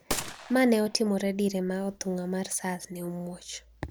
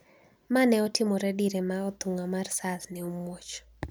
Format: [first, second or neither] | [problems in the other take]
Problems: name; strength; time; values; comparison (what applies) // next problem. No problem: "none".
second | background sound (Gunshot, gunfire); 11 dB below the speech